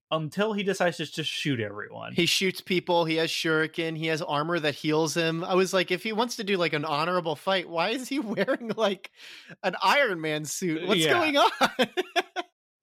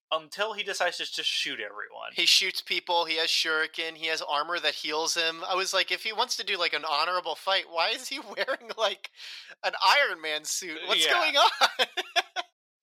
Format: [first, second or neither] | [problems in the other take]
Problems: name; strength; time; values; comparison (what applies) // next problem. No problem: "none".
first | thin; very; fading below 750 Hz